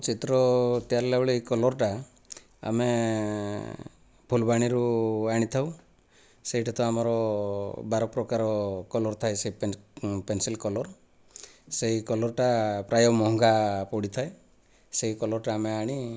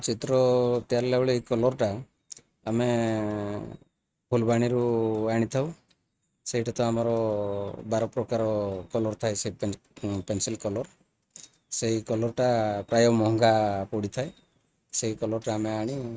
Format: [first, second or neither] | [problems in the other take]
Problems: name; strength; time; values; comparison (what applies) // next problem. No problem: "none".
first | noise reduction (neural mask model RNNoise)